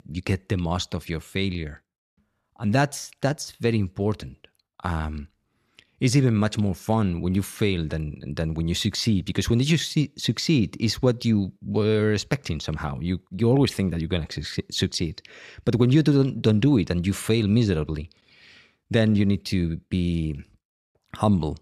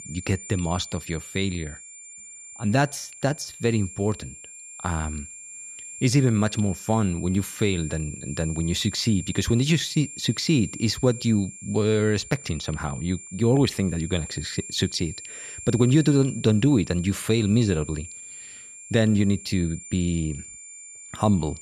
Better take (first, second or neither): first